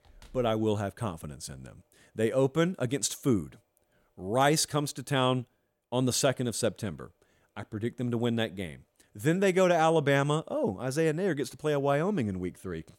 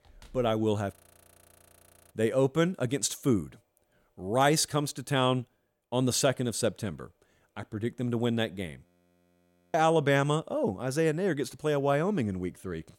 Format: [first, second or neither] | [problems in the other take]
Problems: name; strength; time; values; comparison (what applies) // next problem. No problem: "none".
first | audio freezing; at 1 s for 1 s and at 9 s for 1 s